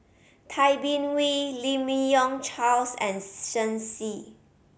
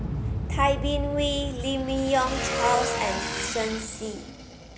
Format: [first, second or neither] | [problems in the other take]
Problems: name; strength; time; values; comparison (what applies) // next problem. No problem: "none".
first | background sound (Explosion + Motorcycle / Engine); 2 dB below the speech